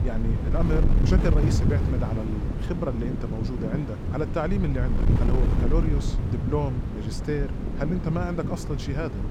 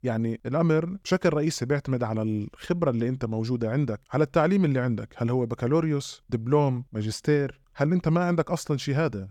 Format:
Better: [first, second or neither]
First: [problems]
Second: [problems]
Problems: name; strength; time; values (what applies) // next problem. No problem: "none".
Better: second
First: wind noise on the microphone; heavy; 3 dB below the speech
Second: none